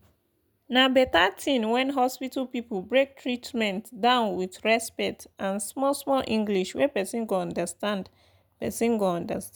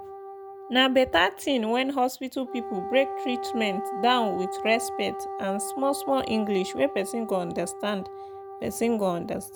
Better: first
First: none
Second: background sound (Wind instrument, woodwind instrument); 9 dB below the speech

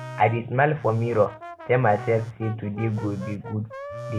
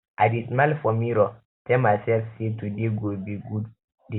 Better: second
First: background sound (Telephone + Brass instrument); 13 dB below the speech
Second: none

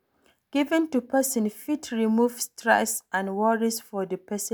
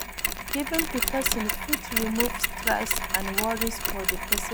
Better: first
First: none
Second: background sound (Mechanisms); 3 dB above the speech

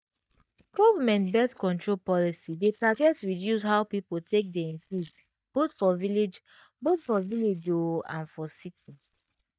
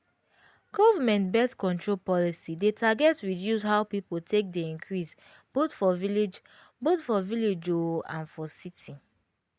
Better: second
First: noise reduction (neural mask model DeepFilterNet 3)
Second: none

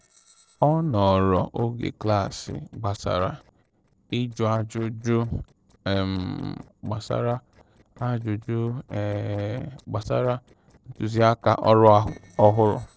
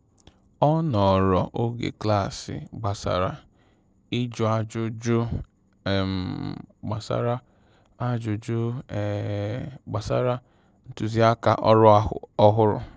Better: second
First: noise reduction (neural separator model SepFormer DNS4)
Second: none

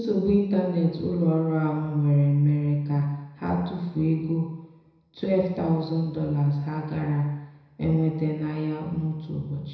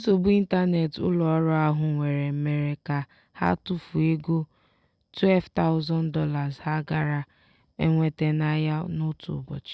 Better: second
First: room echo; dies away in 1 s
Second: none

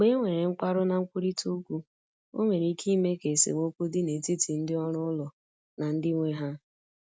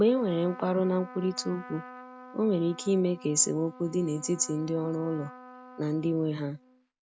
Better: first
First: none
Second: background sound (Trumpet); 18 dB below the speech

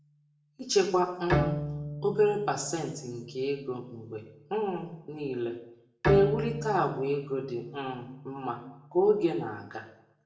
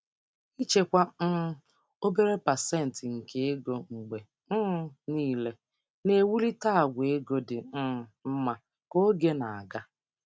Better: second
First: background sound (Bowed string instrument); 6 dB below the speech // room echo; dies away in 0.6 s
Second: none

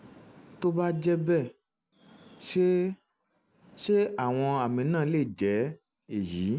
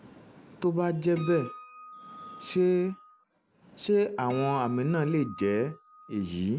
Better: first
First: none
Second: background sound (Acoustic guitar); 16 dB below the speech

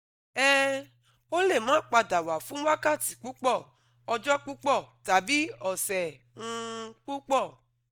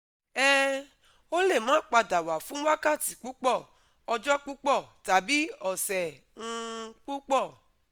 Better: second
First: noise reduction (neural mask model DeepFilterNet 3)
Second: none

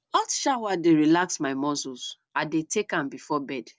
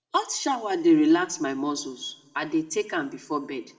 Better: first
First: none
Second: room echo; dies away in 0.8 s

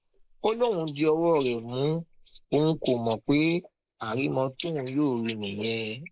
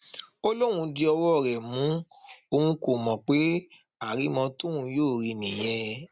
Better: second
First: noise reduction (neural mask model Resemble Enhance denoiser)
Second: none

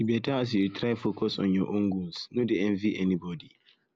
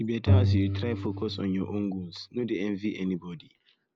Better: first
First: none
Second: background sound (Bowed string instrument); 2 dB above the speech

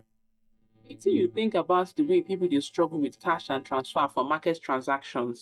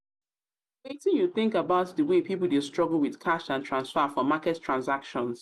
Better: second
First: noise reduction (neural mask model DeepFilterNet 3)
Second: none

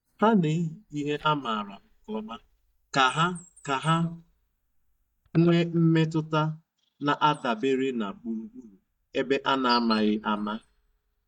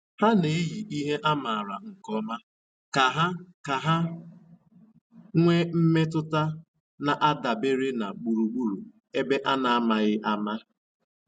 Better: second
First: noise reduction (neural mask model DeepFilterNet 3)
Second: none

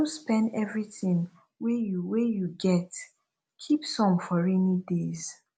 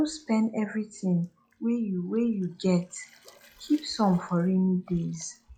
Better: first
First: none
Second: noise reduction (classical method log-MMSE)

